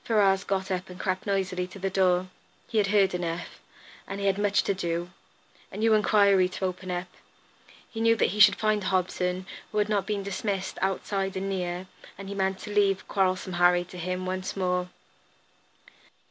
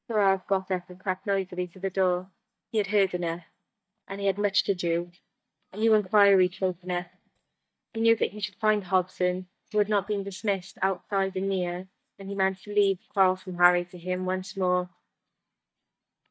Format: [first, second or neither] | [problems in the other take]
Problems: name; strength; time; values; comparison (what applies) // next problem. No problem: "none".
first | noise reduction (neural mask model DeepFilterNet 3)